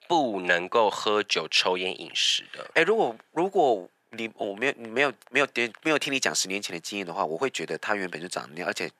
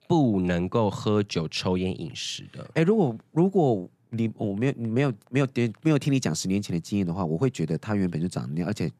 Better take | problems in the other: second | thin; very; fading below 650 Hz

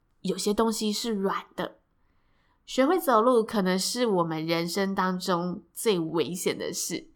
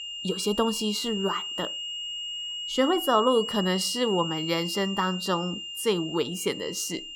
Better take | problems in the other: first | high-pitched whine; loud; throughout; 3 kHz, 5 dB below the speech

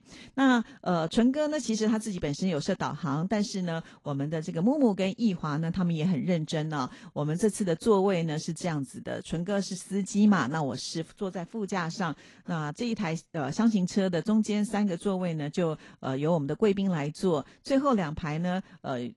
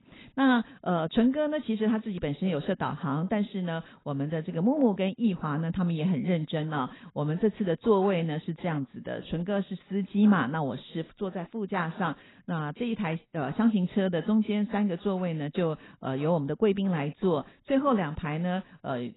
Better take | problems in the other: first | garbled, watery; badly; nothing above 4 kHz; slightly in the first

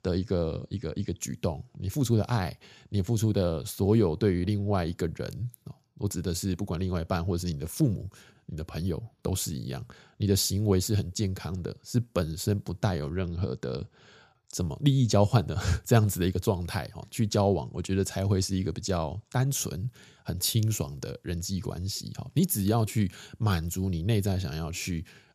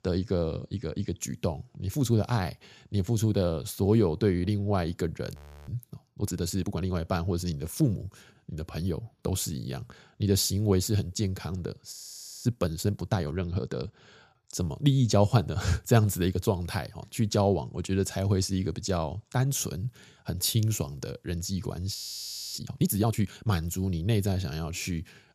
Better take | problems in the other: first | audio freezing; at 5.5 s, at 12 s for 0.5 s and at 22 s for 0.5 s

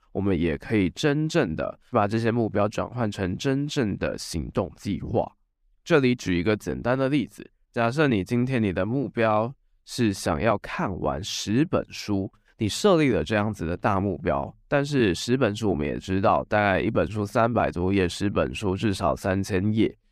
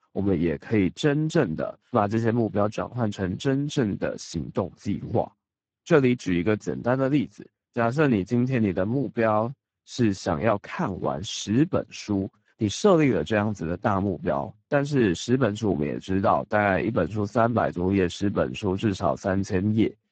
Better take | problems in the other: first | garbled, watery; badly; nothing above 7.5 kHz

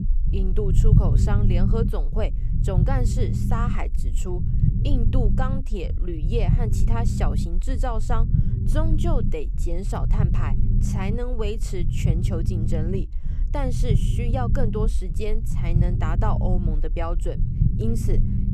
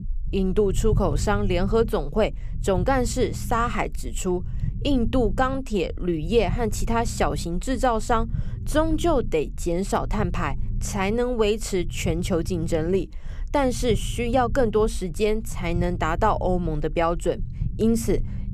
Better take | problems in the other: second | low rumble; loud; throughout; 4 dB below the speech; faint in the second

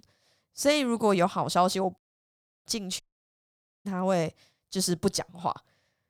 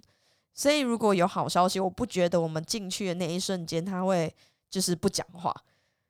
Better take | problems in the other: second | audio cutting out; at 2 s for 0.5 s and at 3 s for 1 s

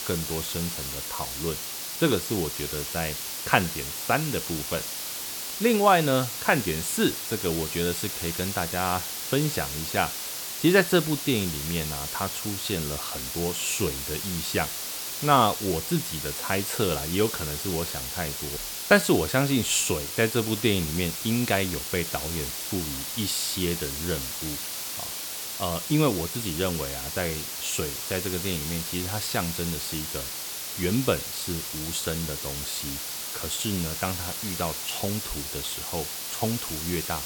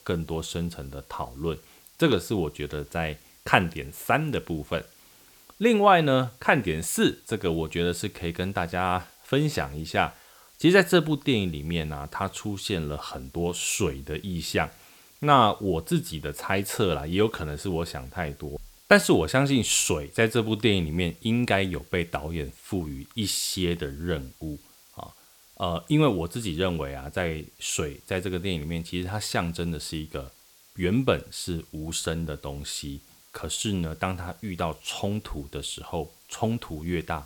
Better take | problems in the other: second | hiss; loud; throughout; 3 dB below the speech; faint in the second

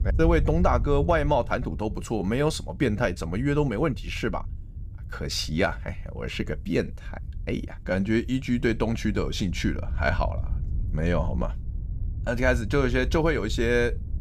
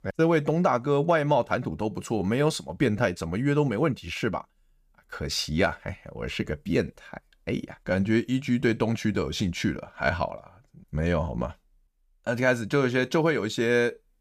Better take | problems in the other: second | wind noise on the microphone; occasional gusts; 25 dB below the speech

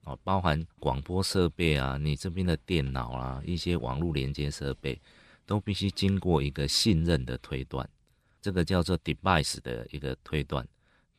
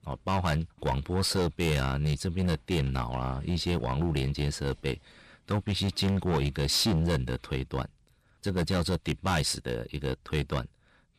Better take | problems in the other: first | distortion; heavy; 10% of the sound clipped

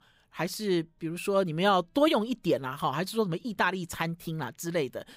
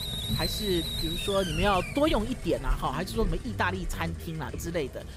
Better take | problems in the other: first | hiss; loud; throughout; 4 dB below the speech

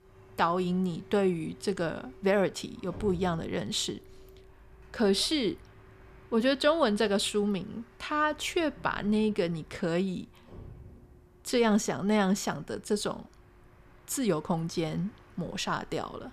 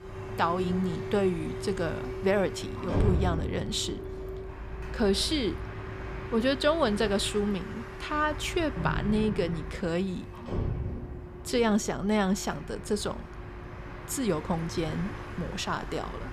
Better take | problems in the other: first | traffic noise; loud; throughout; 7 dB below the speech; faint in the first

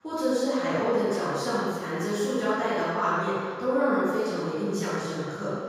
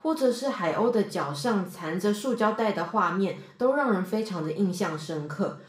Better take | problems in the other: second | room echo; strong; dies away in 1.8 s; slight in the second // off-mic speech; far; somewhat distant in the second

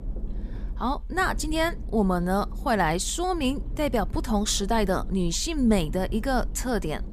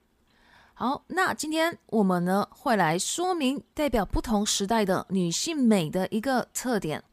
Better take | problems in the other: second | low rumble; faint; throughout; 25 dB below the speech

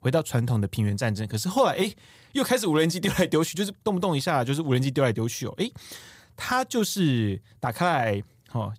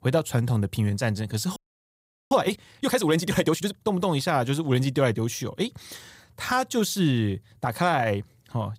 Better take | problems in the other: first | audio freezing; at 1.5 s for 1 s

